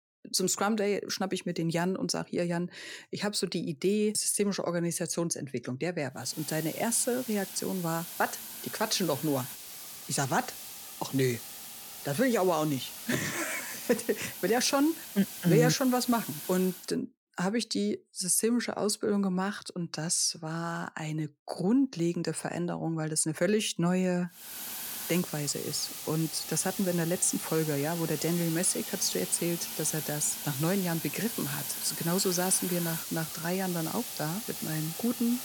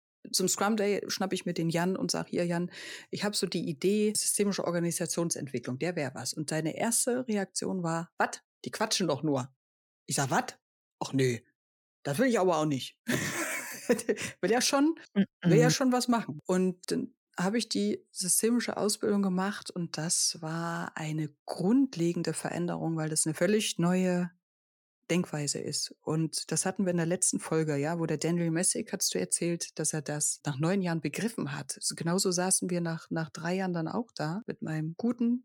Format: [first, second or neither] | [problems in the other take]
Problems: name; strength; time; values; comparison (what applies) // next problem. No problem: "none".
second | hiss; loud; from 6.5 to 17 s and from 24 s on; 7 dB below the speech